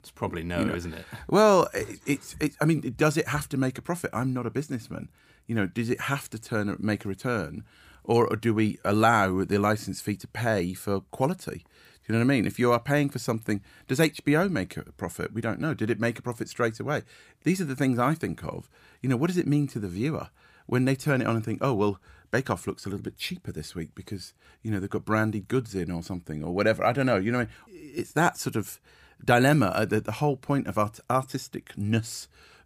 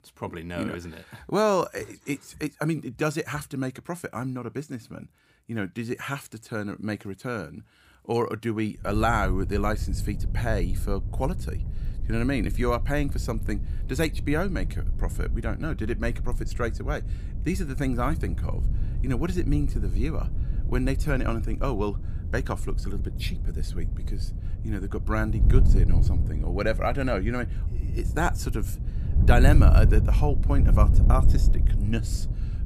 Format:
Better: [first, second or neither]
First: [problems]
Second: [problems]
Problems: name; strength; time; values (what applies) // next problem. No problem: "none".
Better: first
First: none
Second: wind noise on the microphone; occasional gusts; from 9 s on; 15 dB below the speech